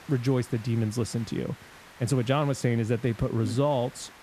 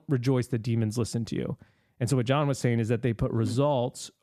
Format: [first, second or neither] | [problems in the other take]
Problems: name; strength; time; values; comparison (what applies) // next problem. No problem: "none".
second | hiss; faint; throughout; 20 dB below the speech